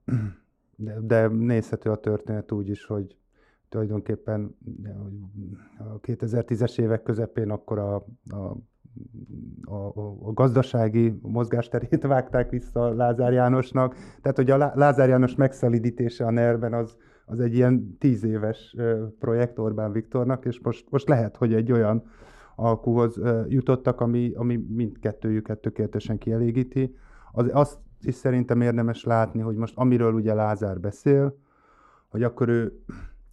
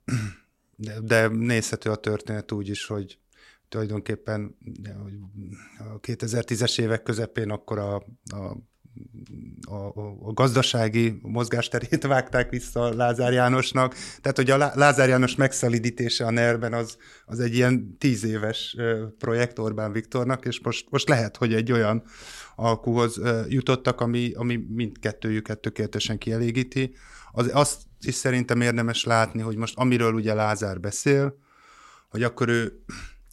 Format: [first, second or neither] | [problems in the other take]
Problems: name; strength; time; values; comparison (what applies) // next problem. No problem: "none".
second | muffled; very; fading above 1.5 kHz